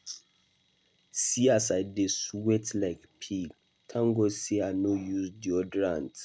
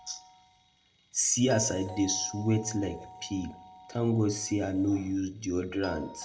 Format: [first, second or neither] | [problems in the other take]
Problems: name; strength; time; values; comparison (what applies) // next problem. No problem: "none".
first | background sound (Doorbell); 18 dB below the speech // room echo; dies away in 0.6 s